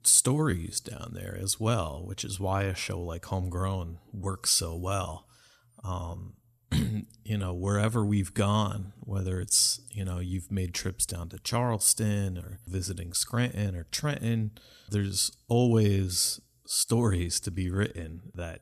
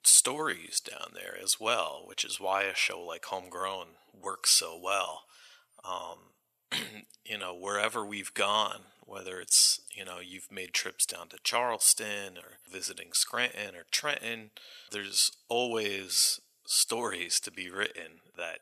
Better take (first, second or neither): first